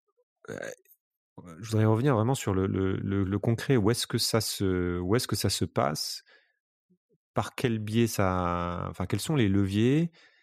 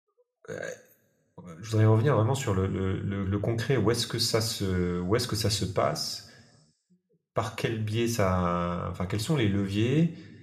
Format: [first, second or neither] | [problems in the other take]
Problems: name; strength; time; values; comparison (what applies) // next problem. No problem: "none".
first | room echo; very slight; dies away in 0.7 s